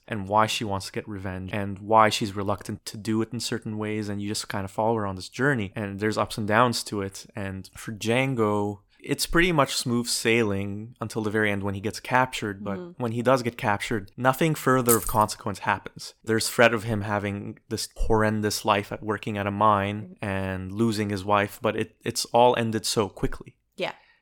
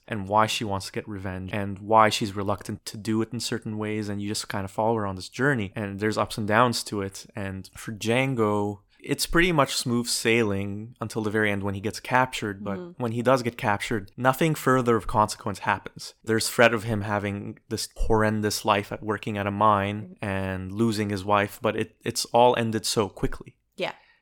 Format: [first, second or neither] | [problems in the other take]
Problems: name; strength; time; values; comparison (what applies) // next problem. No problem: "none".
second | jangling keys; loud; at 15 s; peak level with the speech